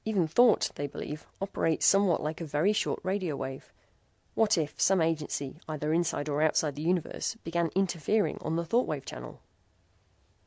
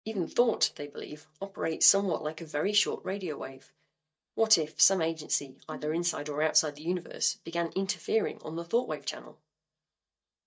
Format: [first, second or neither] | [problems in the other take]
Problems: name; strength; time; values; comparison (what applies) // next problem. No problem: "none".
first | noise reduction (neural mask model DeepFilterNet 3)